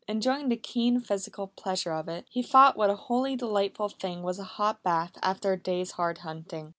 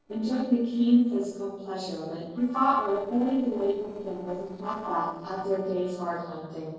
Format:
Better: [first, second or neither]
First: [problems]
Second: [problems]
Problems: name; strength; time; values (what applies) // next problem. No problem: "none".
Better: first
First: none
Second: noise reduction (neural separator model SepFormer DNS4)